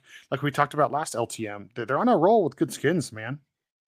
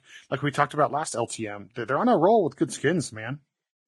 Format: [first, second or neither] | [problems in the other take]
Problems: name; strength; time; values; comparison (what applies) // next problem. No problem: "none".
first | garbled, watery; badly; nothing above 10 kHz